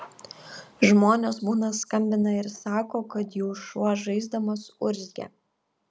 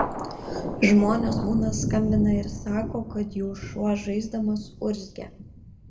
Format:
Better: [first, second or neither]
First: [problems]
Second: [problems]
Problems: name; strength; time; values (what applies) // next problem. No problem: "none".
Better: first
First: none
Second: background sound (Thunder); 6 dB below the speech // room echo; dies away in 0.5 s